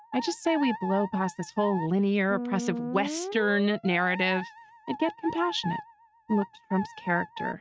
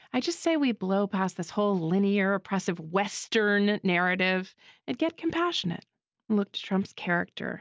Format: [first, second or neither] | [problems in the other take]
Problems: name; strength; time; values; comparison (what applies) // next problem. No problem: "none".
second | noise reduction (neural mask model RNNoise)